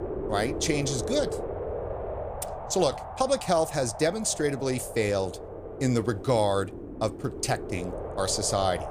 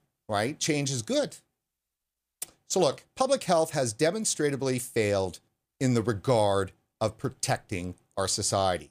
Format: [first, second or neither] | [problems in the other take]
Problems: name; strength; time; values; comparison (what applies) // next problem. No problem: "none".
second | wind noise on the microphone; heavy; 9 dB below the speech